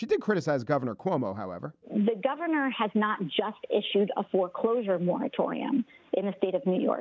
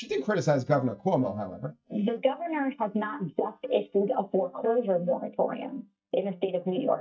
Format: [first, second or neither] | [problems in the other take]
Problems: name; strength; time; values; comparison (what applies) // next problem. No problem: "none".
first | noise reduction (neural mask model DeepFilterNet 3)